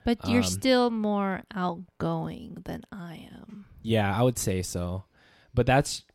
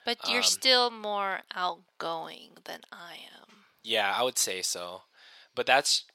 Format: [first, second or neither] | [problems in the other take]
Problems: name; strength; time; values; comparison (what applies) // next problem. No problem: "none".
first | thin; very; fading below 700 Hz